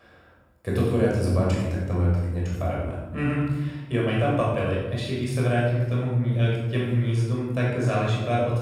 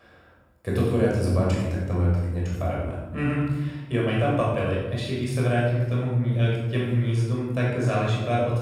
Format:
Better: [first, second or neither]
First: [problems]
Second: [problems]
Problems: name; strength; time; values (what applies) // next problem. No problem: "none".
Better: neither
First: room echo; strong; dies away in 1.2 s // off-mic speech; far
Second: room echo; strong; dies away in 1.2 s // off-mic speech; far